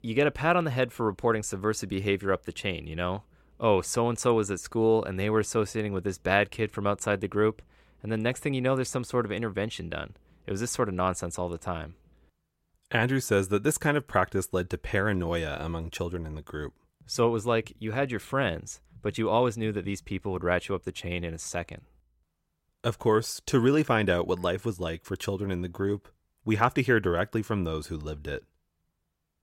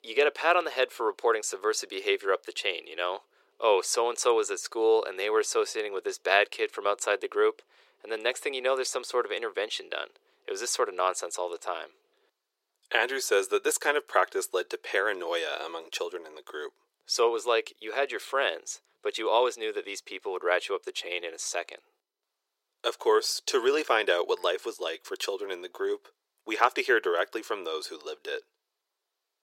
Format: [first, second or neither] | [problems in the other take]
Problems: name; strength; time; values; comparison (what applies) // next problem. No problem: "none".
first | thin; very; fading below 400 Hz